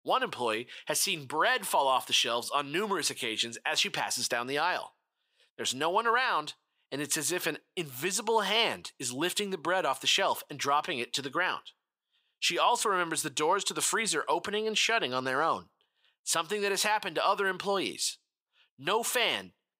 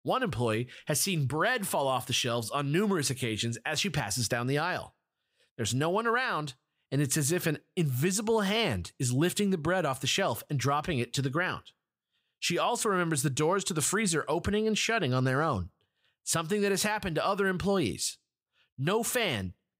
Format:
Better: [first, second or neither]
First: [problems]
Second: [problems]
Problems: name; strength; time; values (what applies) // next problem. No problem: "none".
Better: second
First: thin; somewhat; fading below 350 Hz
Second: none